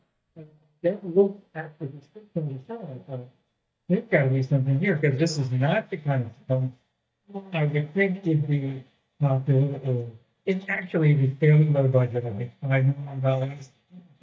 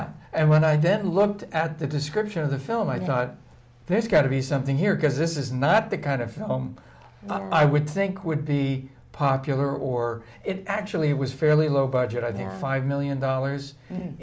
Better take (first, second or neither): second